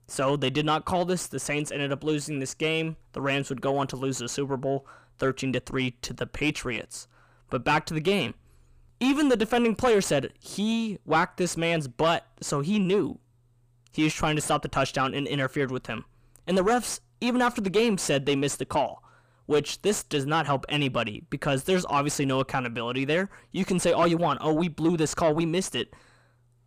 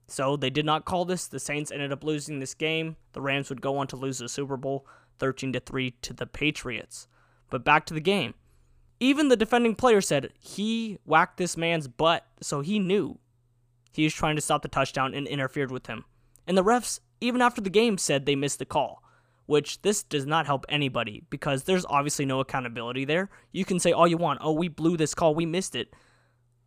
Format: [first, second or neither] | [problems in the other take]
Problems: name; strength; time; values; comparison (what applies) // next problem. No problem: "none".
second | distortion; slight; 10 dB below the speech